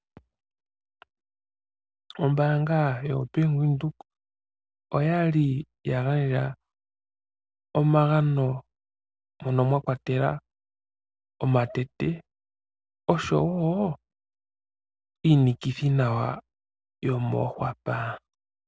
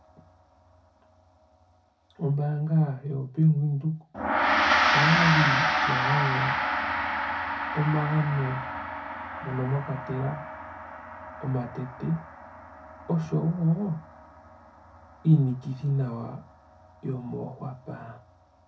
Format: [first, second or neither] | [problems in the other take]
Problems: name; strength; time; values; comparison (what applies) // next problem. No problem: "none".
first | background sound (Gong); 2 dB below the speech // room echo; dies away in 0.3 s